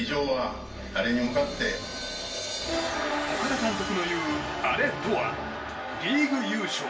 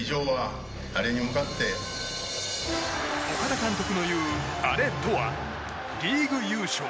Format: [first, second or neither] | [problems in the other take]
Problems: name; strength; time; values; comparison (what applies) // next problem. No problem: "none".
second | room echo; dies away in 0.2 s